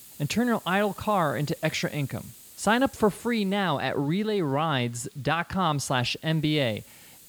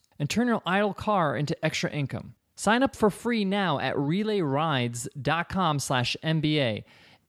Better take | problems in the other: second | hiss; faint; throughout; 20 dB below the speech

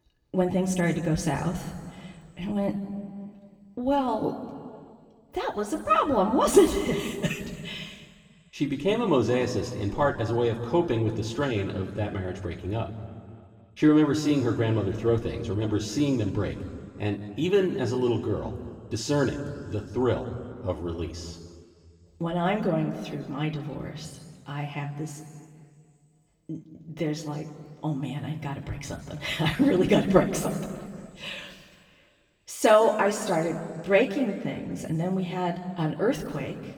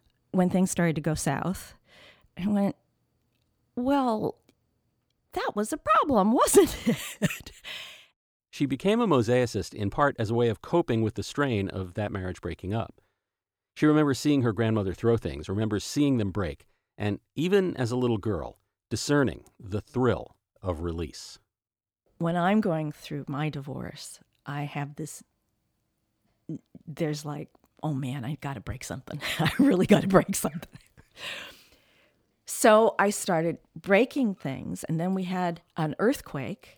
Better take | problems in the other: second | room echo; slight; dies away in 2 s // off-mic speech; somewhat distant

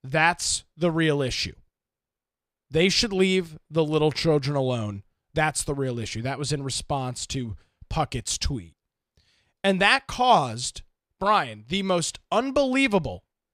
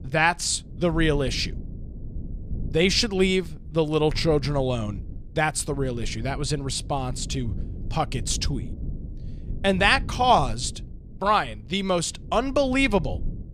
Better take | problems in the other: first | low rumble; faint; throughout; 25 dB below the speech

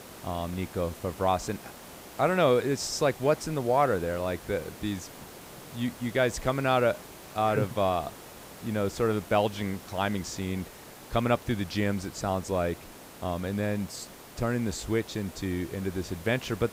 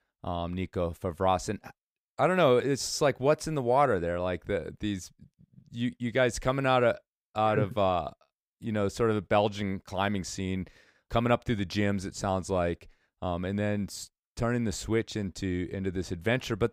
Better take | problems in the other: second | hiss; noticeable; throughout; 15 dB below the speech

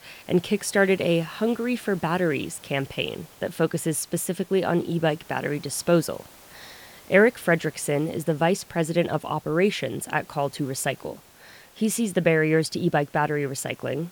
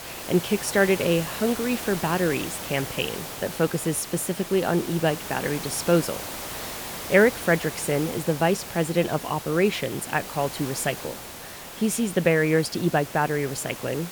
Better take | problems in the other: first | hiss; loud; throughout; 10 dB below the speech; faint in the first

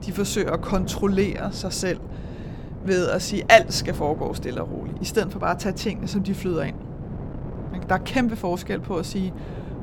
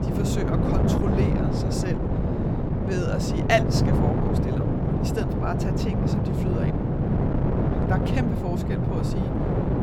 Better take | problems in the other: first | wind noise on the microphone; heavy; 1 dB above the speech; occasional gusts in the first

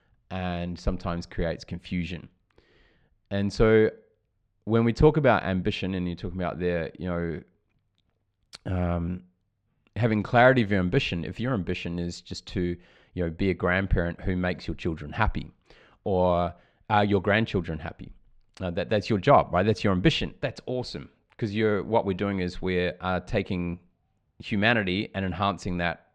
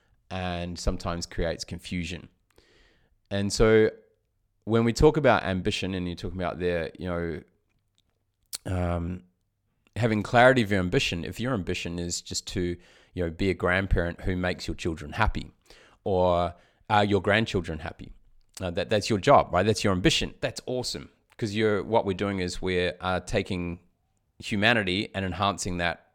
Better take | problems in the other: second | muffled; very slightly; fading above 3.5 kHz

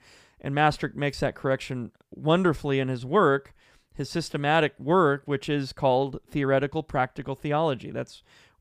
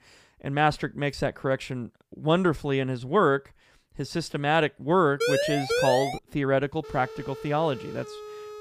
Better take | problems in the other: first | siren; loud; at 5 s; peak 1 dB above the speech // phone ringing; faint; from 7 s on; peak 15 dB below the speech

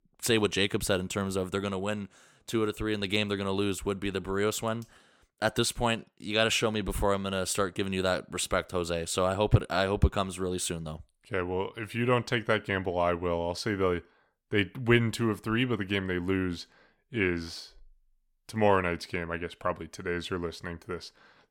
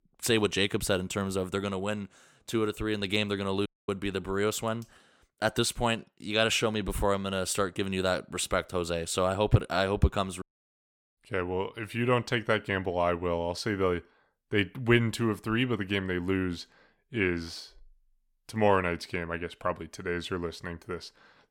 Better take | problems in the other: first | audio cutting out; at 3.5 s and at 10 s for 1 s

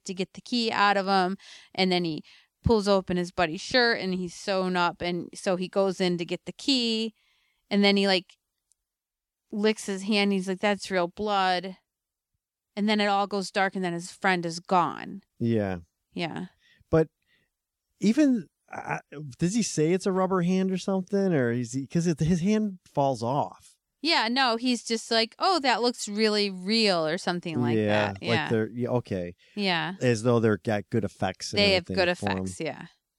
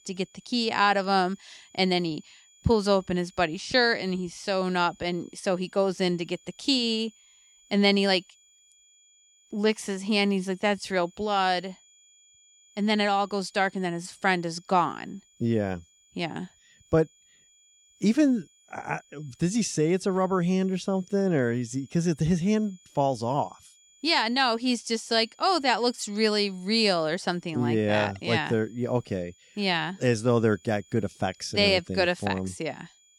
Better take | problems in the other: first | high-pitched whine; faint; throughout; 7 kHz, 30 dB below the speech

